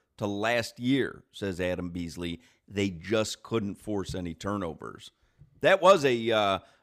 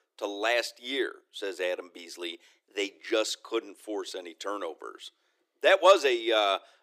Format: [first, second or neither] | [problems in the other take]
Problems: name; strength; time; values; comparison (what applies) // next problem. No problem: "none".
first | thin; very; fading below 350 Hz